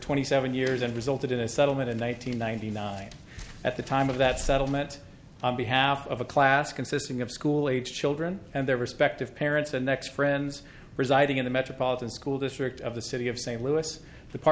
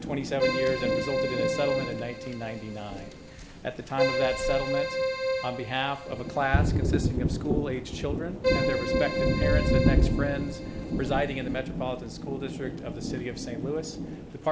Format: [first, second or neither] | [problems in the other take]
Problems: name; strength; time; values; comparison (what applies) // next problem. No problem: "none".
first | background sound (Thunder + Keyboard (musical)); 4 dB above the speech